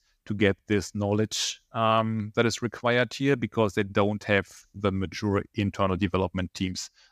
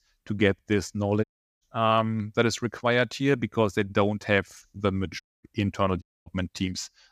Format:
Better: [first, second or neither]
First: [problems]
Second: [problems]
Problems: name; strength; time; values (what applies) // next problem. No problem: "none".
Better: first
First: none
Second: audio cutting out; at 1 s, at 5 s and at 6 s